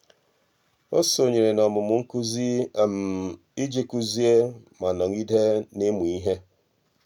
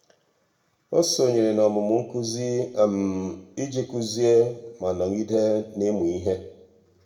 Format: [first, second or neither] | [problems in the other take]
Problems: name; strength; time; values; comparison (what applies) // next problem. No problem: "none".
first | room echo; dies away in 0.8 s